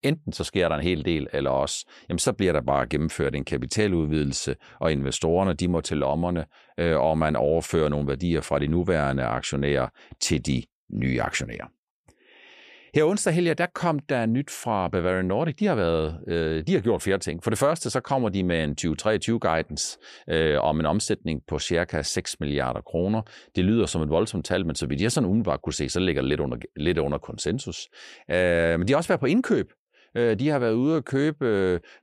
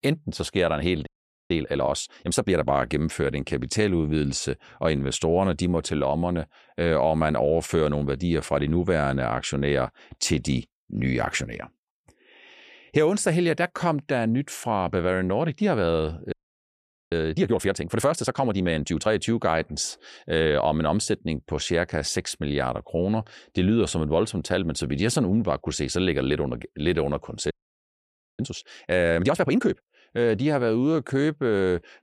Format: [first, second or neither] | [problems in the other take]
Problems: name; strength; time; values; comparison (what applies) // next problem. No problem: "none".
first | audio freezing; at 1 s, at 16 s for 1 s and at 28 s for 1 s